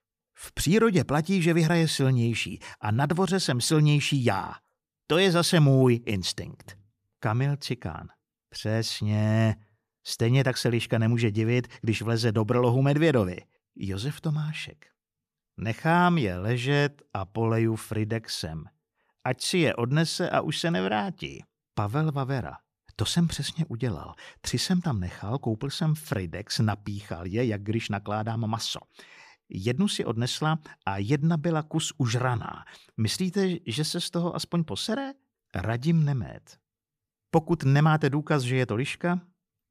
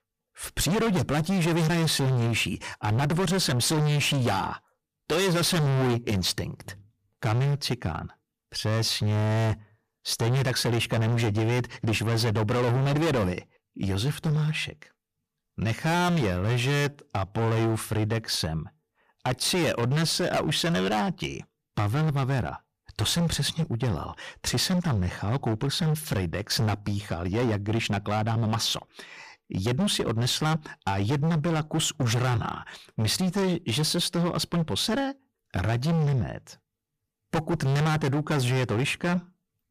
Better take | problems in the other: first | distortion; heavy; 24% of the sound clipped

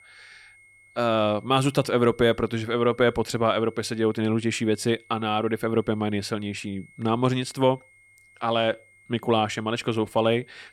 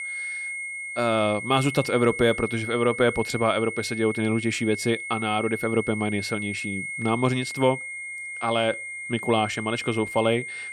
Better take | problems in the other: first | high-pitched whine; loud; throughout; 2 kHz, 7 dB below the speech; faint in the first

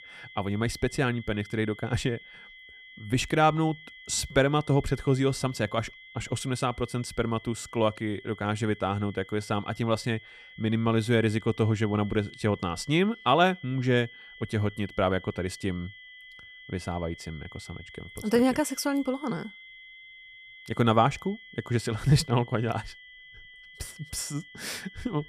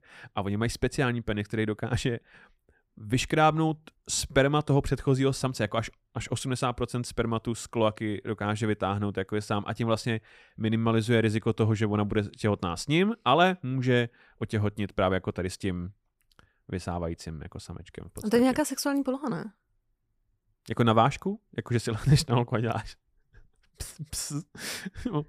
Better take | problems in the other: second | high-pitched whine; noticeable; throughout; 2 kHz, 20 dB below the speech

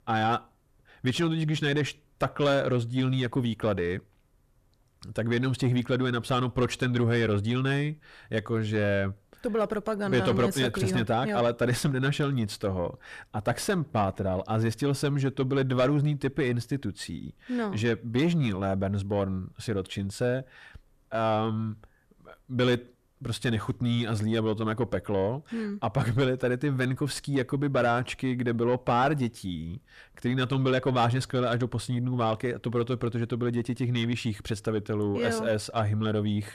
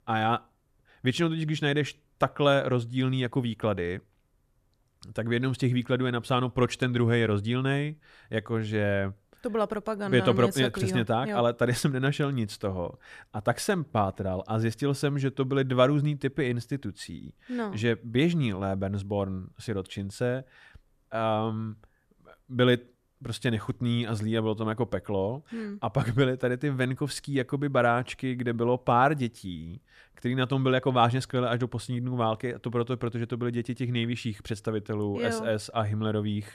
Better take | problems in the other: second | distortion; slight; 10 dB below the speech

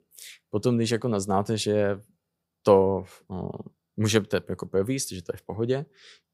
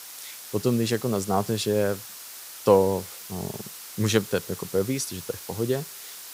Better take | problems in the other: first | hiss; noticeable; throughout; 10 dB below the speech

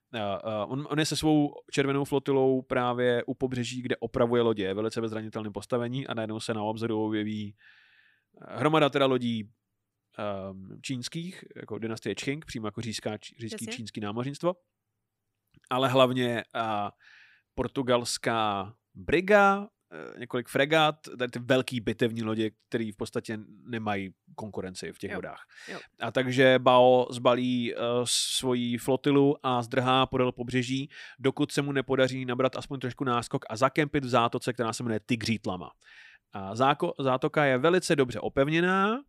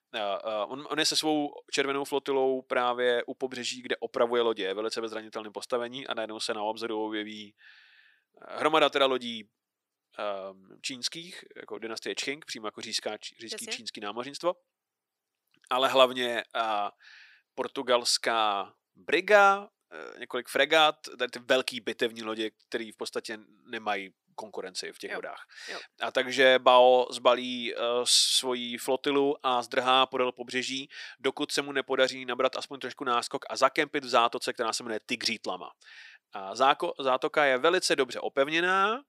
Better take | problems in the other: first | thin; somewhat; fading below 450 Hz

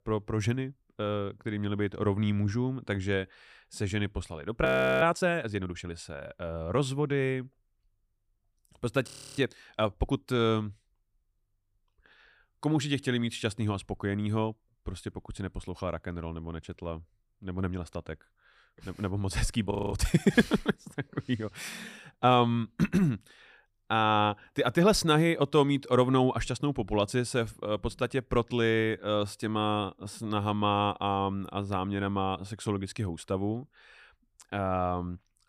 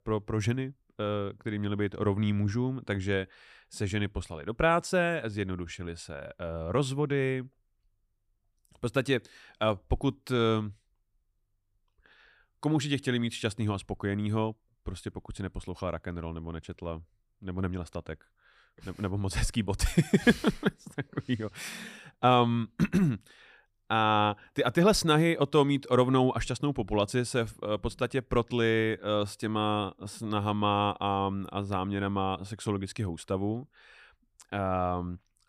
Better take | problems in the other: second | audio freezing; at 4.5 s, at 9 s and at 20 s

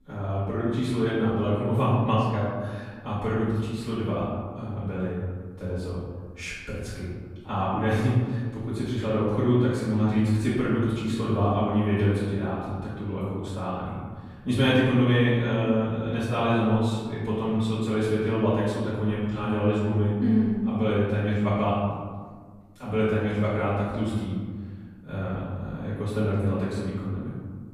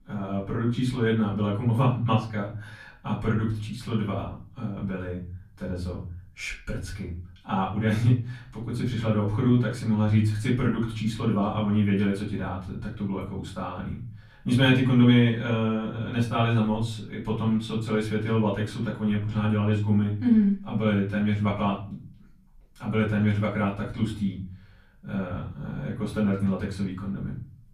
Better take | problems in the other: second | room echo; strong; dies away in 1.5 s; slight in the second // off-mic speech; far; far in the second

